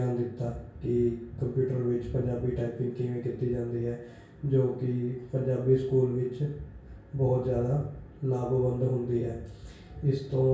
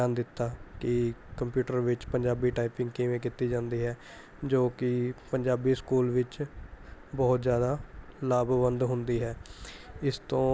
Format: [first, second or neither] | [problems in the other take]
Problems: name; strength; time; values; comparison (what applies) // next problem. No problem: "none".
second | room echo; dies away in 0.6 s